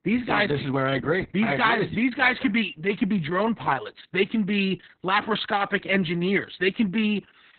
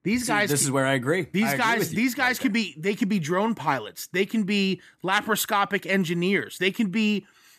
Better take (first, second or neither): second